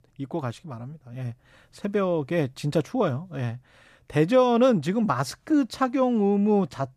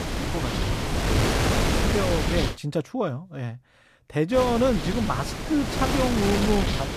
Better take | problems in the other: first | wind noise on the microphone; heavy; until 2.5 s and from 4.5 s on; as loud as the speech

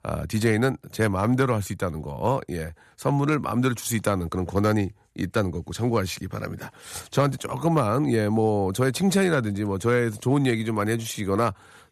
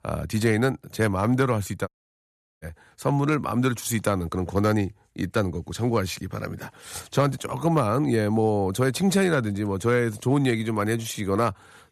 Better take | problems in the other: first | audio cutting out; at 2 s for 0.5 s

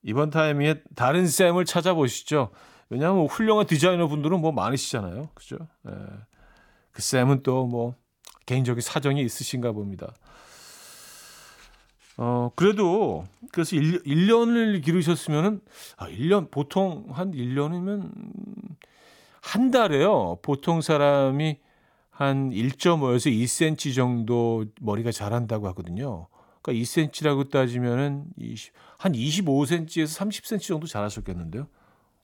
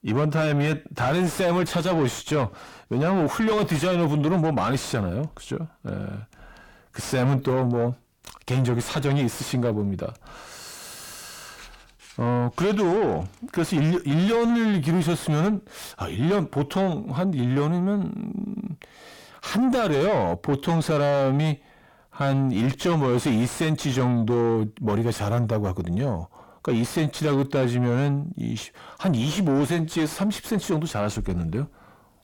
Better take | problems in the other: first | distortion; heavy; 6 dB below the speech

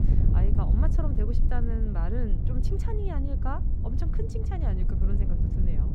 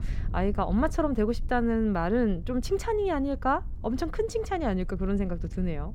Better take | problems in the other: second | wind noise on the microphone; heavy; 3 dB below the speech; occasional gusts in the second

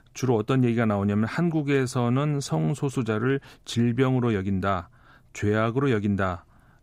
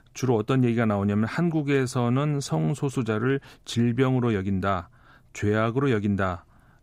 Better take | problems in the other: neither | none

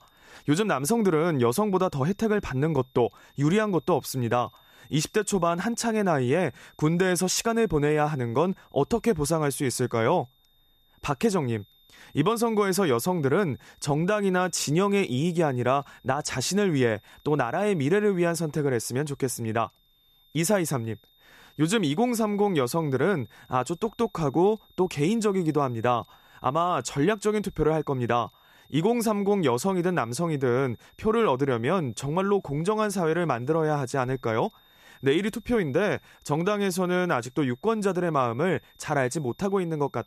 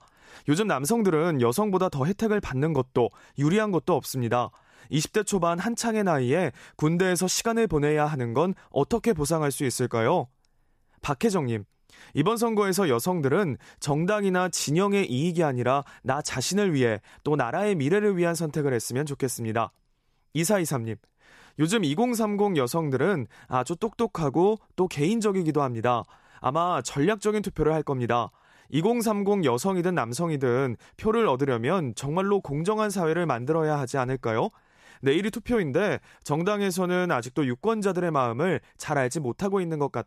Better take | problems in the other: second | high-pitched whine; faint; throughout; 3.5 kHz, 35 dB below the speech

